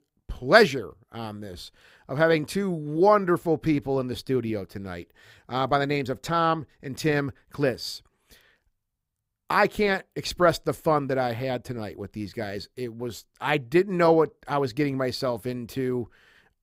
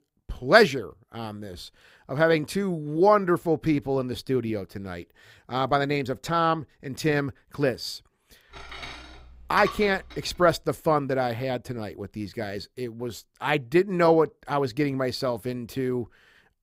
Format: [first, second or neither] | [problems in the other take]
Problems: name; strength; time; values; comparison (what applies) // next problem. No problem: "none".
first | clattering dishes; noticeable; from 8.5 to 10 s; peak 9 dB below the speech